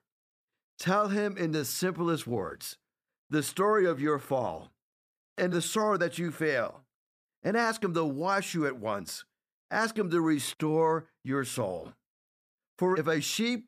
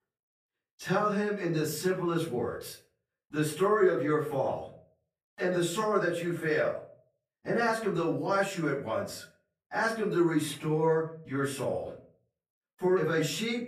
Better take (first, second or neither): first